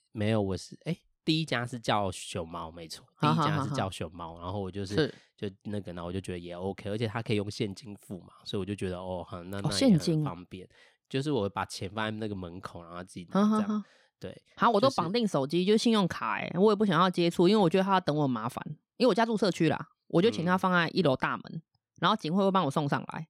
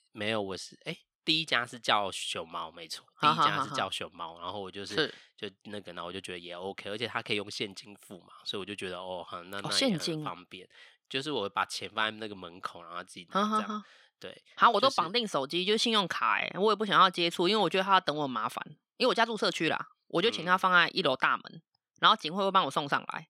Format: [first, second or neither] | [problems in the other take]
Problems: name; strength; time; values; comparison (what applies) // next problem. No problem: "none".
first | thin; somewhat; fading below 1 kHz